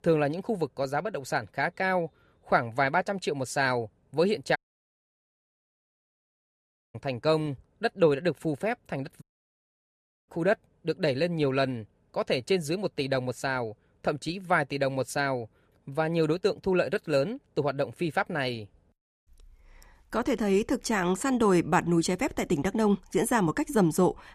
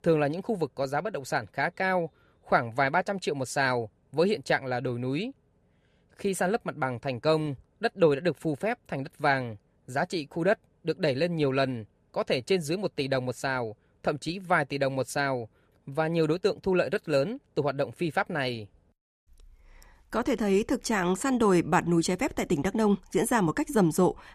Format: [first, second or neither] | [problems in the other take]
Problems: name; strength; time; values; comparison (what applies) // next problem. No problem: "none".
second | audio cutting out; at 4.5 s for 2.5 s and at 9 s for 1 s